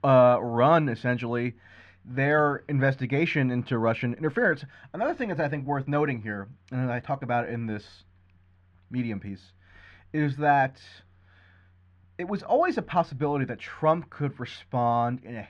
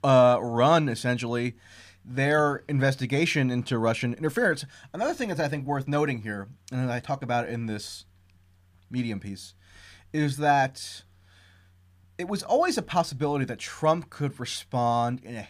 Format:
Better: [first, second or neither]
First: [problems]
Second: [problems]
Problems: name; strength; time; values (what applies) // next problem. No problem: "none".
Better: second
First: muffled; slightly; fading above 2 kHz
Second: none